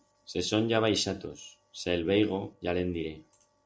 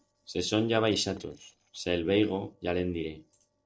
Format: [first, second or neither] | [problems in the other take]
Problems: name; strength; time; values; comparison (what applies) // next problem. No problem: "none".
first | noise reduction (neural separator model SepFormer DNS4)